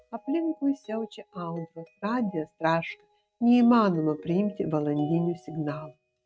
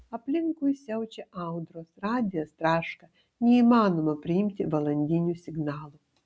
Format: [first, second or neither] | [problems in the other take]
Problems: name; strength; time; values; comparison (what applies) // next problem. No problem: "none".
second | noise reduction (neural mask model RNNoise)